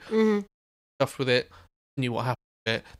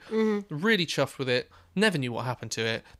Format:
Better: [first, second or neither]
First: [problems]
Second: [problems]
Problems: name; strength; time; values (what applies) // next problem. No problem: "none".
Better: second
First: audio cutting out; at 0.5 s for 0.5 s, at 1.5 s and at 2.5 s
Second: none